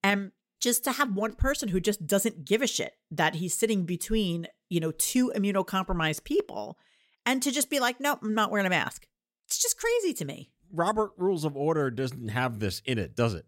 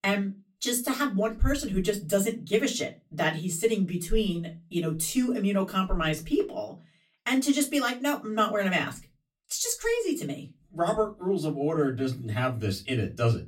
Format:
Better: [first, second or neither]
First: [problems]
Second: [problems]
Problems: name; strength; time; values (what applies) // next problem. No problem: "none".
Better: first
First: none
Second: off-mic speech; far // room echo; very slight; dies away in 0.2 s